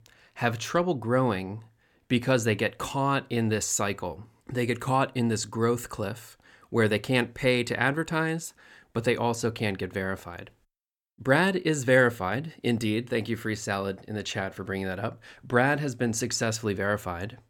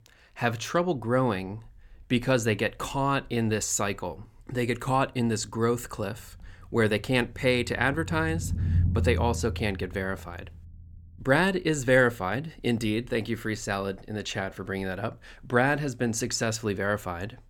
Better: first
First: none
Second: low rumble; noticeable; throughout; 20 dB below the speech

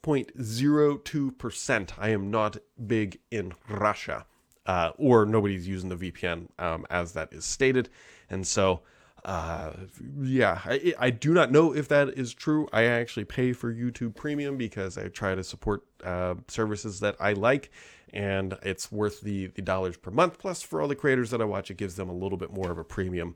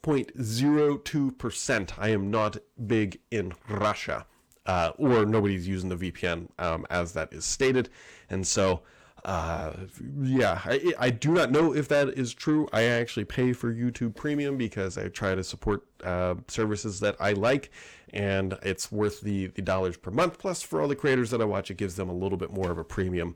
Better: first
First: none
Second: distortion; slight; 10 dB below the speech

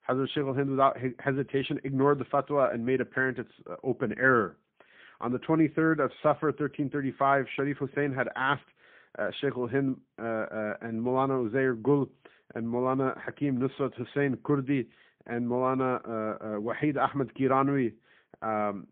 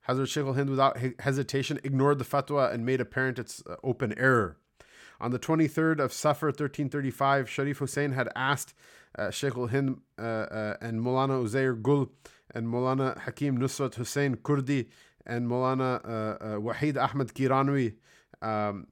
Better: second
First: phone-call audio; poor line; nothing above 3.5 kHz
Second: none

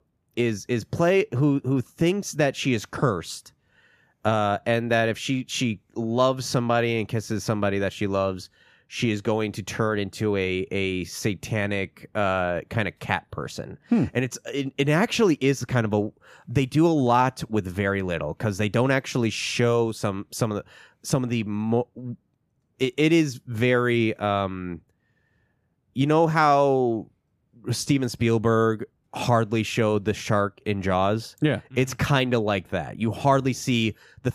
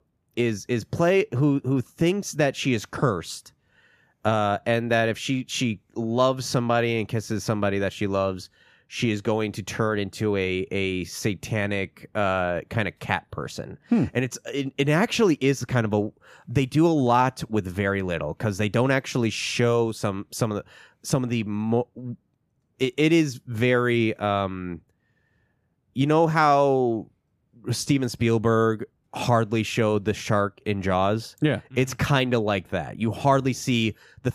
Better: neither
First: none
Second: none

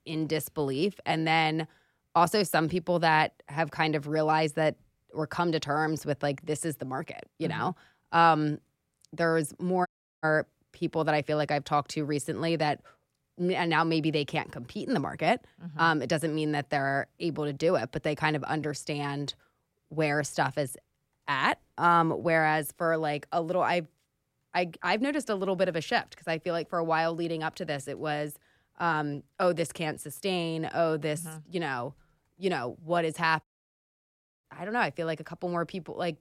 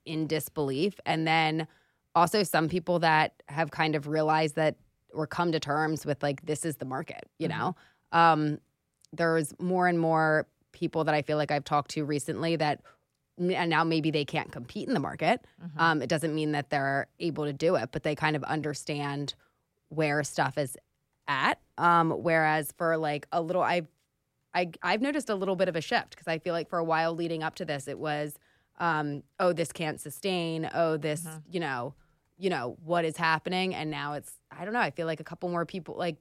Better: second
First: audio cutting out; at 10 s and at 33 s for 1 s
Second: none

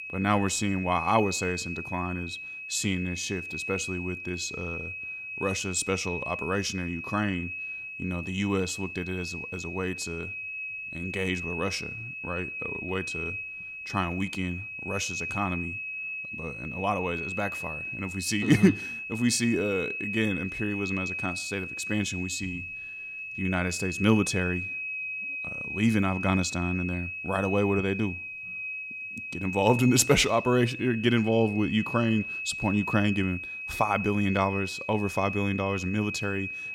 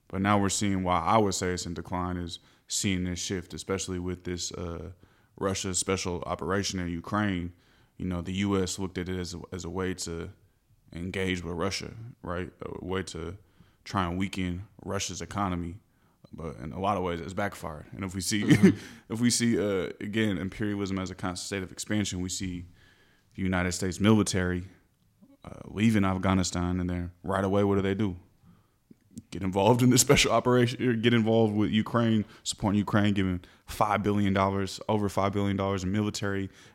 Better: second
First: high-pitched whine; loud; throughout; 2.5 kHz, 6 dB below the speech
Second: none

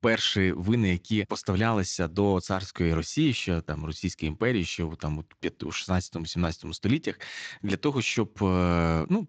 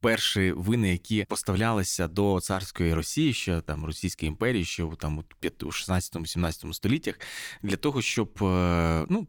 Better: second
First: garbled, watery; slightly; nothing above 7.5 kHz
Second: none

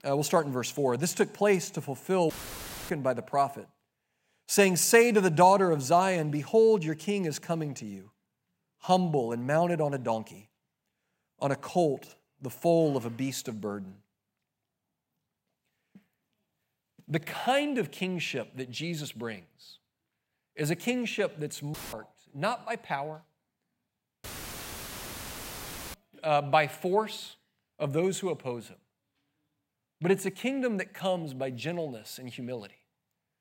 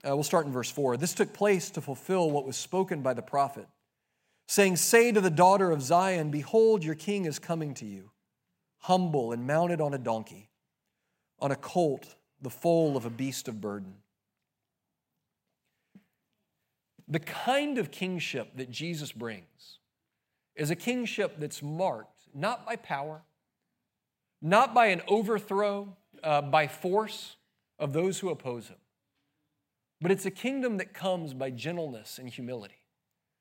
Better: second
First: audio cutting out; filled with static; at 2.5 s for 0.5 s, at 22 s and at 24 s for 1.5 s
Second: none

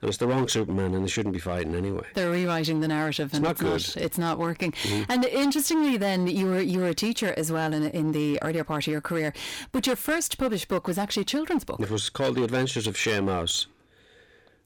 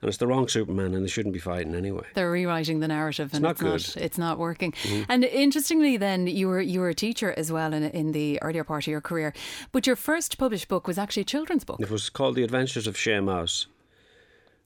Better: second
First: distortion; slight; 12% of the sound clipped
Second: none

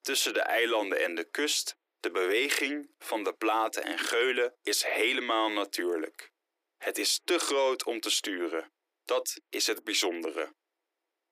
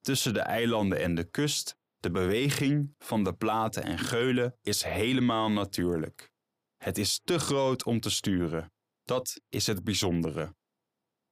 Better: second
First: thin; very; fading below 300 Hz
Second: none

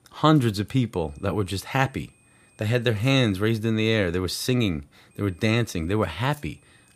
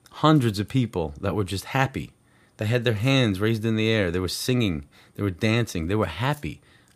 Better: second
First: high-pitched whine; faint; from 1 to 3.5 s and from 5 s on; 2.5 kHz, 35 dB below the speech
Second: none

